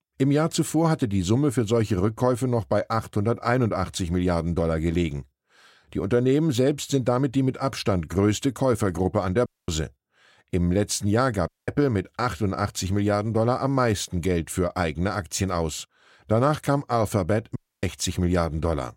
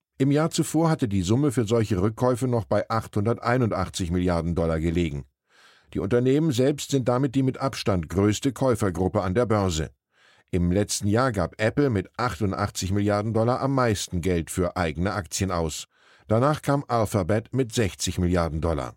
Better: second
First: audio cutting out; at 9.5 s, at 11 s and at 18 s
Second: none

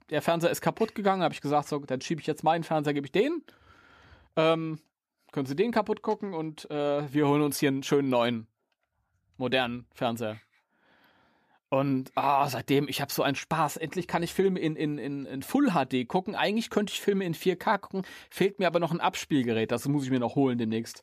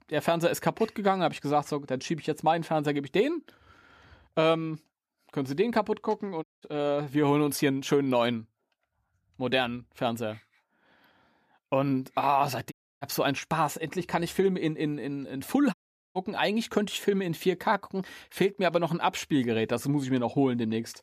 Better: first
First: none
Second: audio cutting out; at 6.5 s, at 13 s and at 16 s

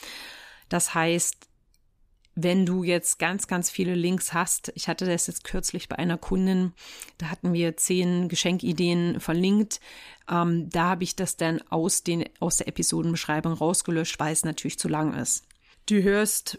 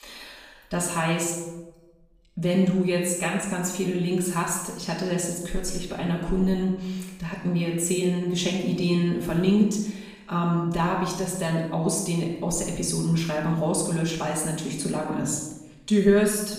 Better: first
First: none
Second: off-mic speech; far // room echo; noticeable; dies away in 0.8 s

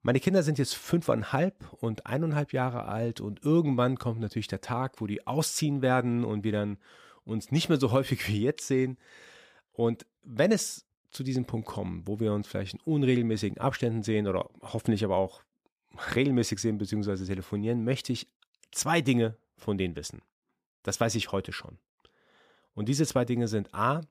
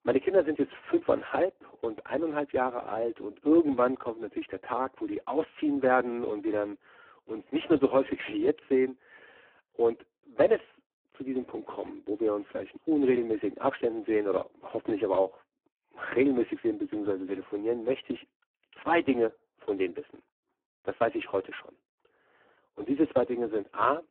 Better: first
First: none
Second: phone-call audio; poor line

